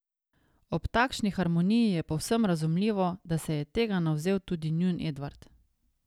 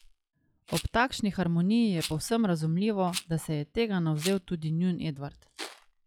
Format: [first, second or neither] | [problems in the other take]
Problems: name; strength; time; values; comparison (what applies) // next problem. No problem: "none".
first | noise reduction (classical method log-MMSE)